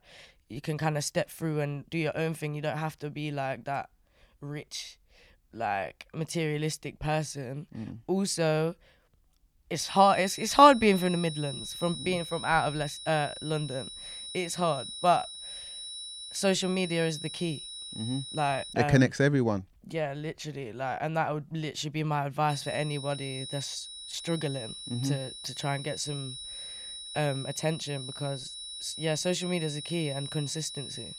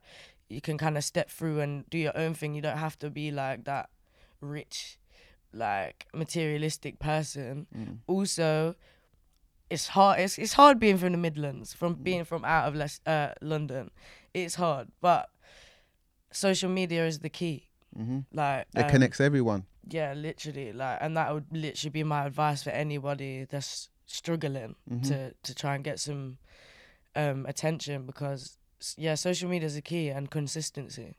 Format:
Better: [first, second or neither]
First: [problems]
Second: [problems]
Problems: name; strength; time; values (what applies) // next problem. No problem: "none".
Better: second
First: high-pitched whine; loud; from 10 to 19 s and from 22 s on; 4 kHz, 9 dB below the speech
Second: none